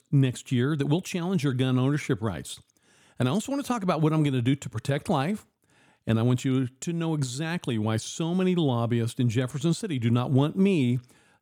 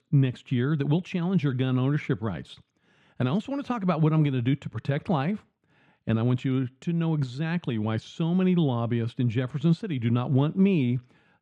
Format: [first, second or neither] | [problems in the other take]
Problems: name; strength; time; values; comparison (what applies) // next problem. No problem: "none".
first | muffled; slightly; fading above 3 kHz